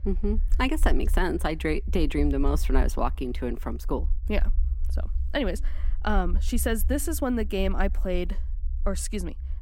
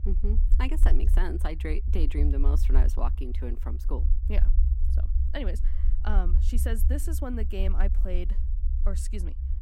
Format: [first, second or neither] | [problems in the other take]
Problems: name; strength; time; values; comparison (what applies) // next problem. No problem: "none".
first | low rumble; loud; throughout; 10 dB below the speech; faint in the first